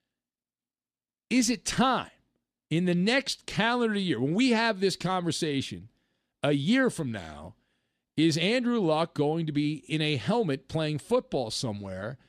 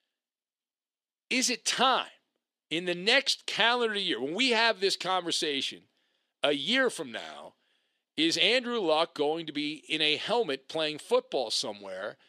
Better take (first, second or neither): first